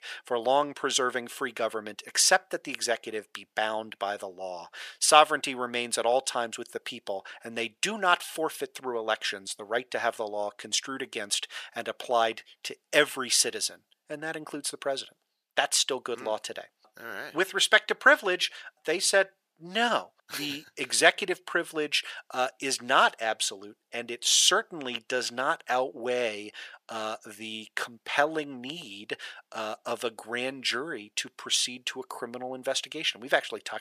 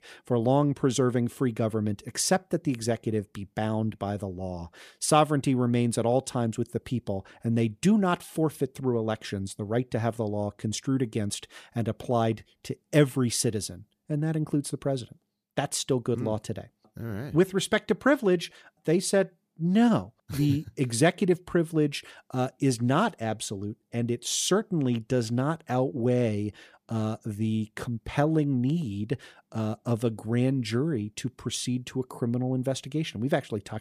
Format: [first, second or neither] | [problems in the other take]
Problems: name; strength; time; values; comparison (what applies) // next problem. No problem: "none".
second | thin; very; fading below 700 Hz